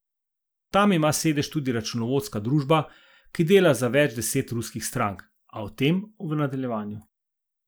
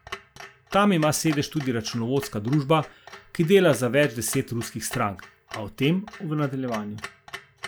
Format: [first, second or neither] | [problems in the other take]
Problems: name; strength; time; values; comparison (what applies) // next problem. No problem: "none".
first | background sound (Clock); 18 dB below the speech